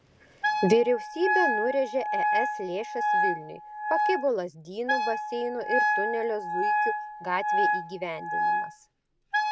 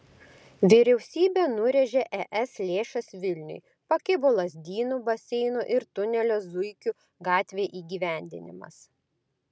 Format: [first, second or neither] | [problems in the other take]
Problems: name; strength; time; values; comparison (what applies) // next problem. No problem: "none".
second | background sound (Wind instrument, woodwind instrument); 2 dB above the speech